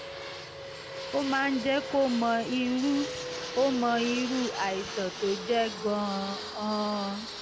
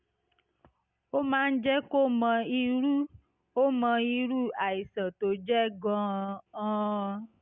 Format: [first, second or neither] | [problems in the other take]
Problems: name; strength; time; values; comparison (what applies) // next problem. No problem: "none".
second | background sound (Fixed-wing aircraft, airplane); 8 dB below the speech